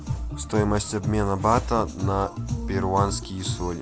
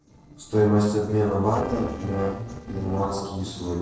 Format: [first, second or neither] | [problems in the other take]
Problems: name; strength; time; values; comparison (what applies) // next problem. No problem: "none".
first | noise reduction (neural separator model SepFormer DNS4)